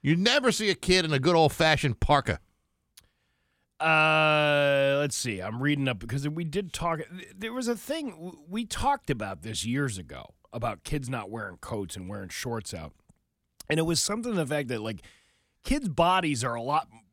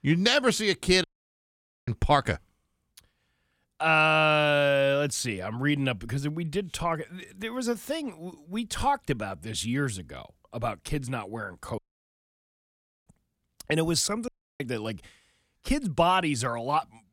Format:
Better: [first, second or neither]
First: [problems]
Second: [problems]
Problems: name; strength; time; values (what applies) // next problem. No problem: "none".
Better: first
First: none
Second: audio cutting out; at 1 s for 1 s, at 12 s for 1.5 s and at 14 s